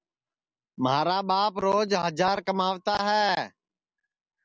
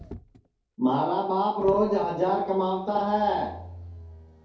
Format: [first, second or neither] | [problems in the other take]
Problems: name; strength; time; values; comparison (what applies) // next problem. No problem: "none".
first | background sound (Motor vehicle (road)); 19 dB below the speech // room echo; dies away in 2.3 s